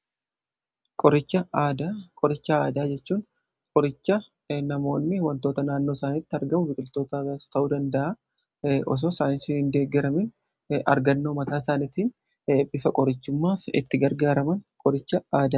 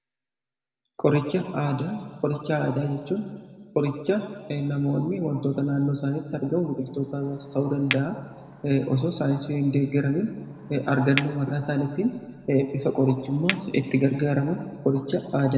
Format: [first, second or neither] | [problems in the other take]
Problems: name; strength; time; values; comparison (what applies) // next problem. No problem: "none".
first | background sound (Chink, clink); 13 dB below the speech // room echo; dies away in 1.8 s